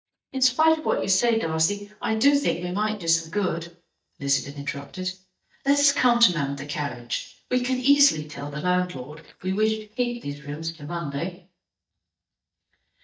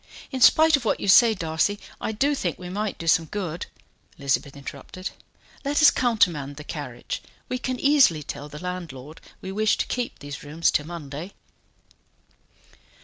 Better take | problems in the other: second | noise reduction (neural mask model DeepFilterNet 3)

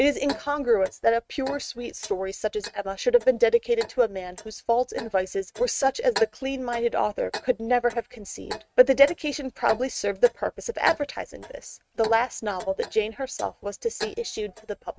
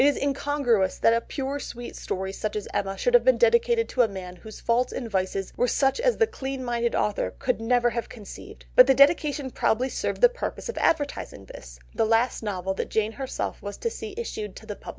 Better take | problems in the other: second | noise reduction (neural mask model RNNoise)

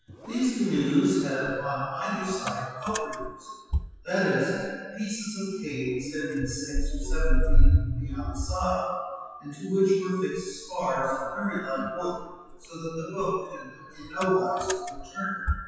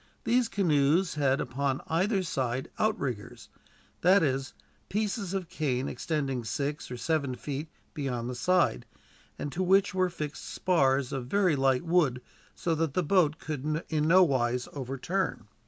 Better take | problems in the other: second | noise reduction (classical method WPE with log-MMSE)

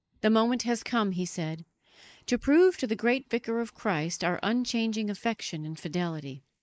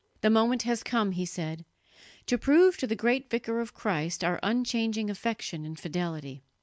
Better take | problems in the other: second | noise reduction (neural mask model Resemble Enhance denoiser)

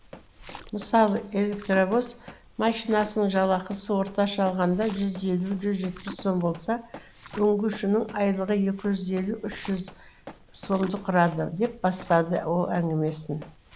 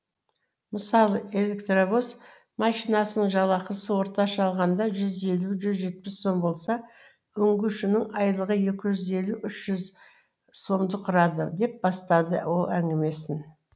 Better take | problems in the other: second | background sound (Run + Splash, splatter); 19 dB below the speech

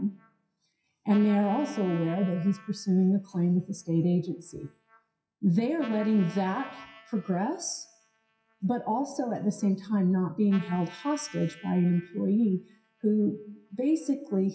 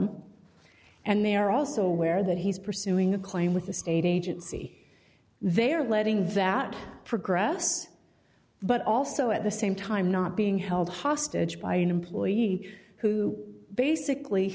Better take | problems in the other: second | noise reduction (classical method WPE with log-MMSE)

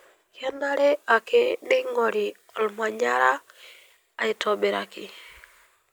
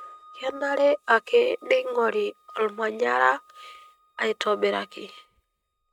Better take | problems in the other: first | noise reduction (neural mask model RNNoise)

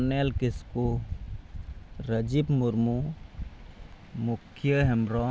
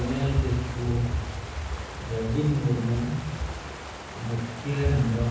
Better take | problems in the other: first | background sound (Water); 13 dB below the speech // room echo; dies away in 1.1 s

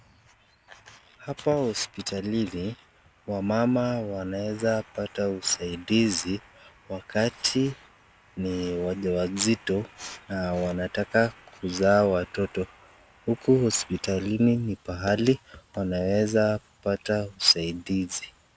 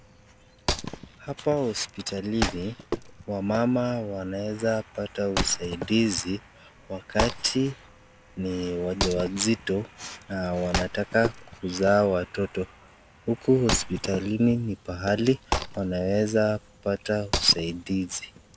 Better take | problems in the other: first | background sound (Wood); 9 dB below the speech

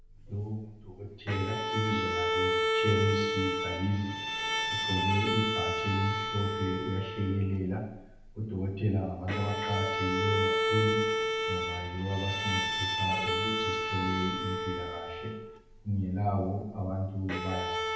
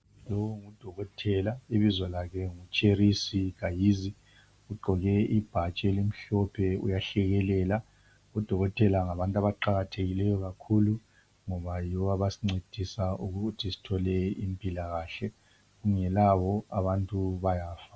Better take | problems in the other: second | background sound (Bowed string instrument); as loud as the speech // room echo; dies away in 0.8 s

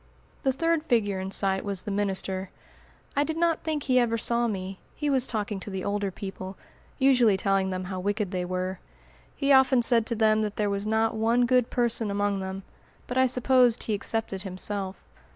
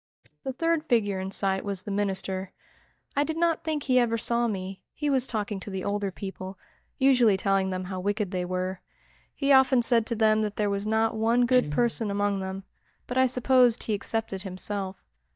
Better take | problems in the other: first | noise reduction (neural mask model DeepFilterNet 3)

